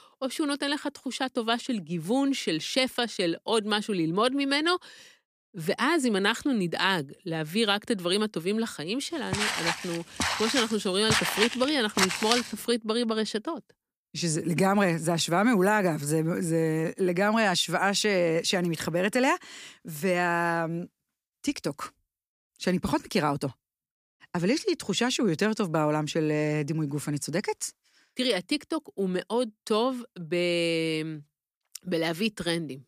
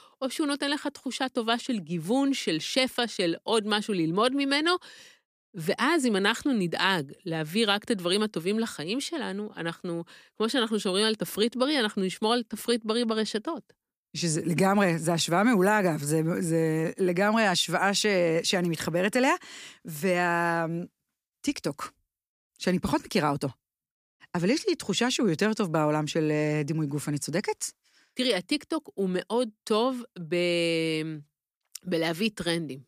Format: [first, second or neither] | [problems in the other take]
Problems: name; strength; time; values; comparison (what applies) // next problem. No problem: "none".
second | footsteps; loud; from 9.5 to 12 s; peak 3 dB above the speech